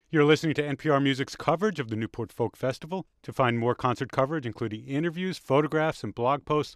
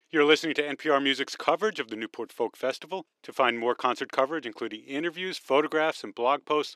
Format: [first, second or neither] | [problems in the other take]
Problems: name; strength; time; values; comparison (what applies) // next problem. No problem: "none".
first | thin; somewhat; fading below 300 Hz